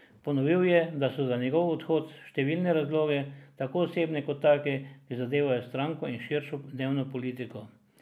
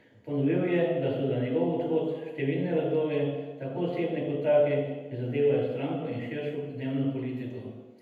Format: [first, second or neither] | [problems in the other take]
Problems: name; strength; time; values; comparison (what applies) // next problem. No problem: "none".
first | room echo; dies away in 1 s